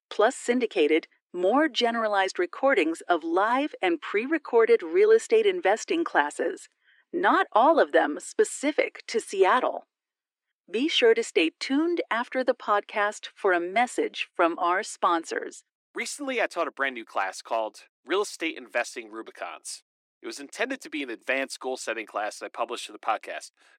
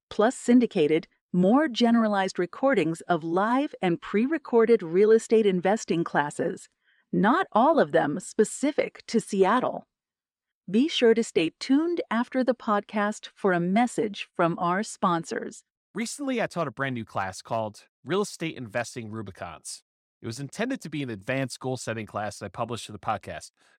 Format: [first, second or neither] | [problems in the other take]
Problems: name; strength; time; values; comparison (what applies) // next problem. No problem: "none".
second | thin; somewhat; fading below 300 Hz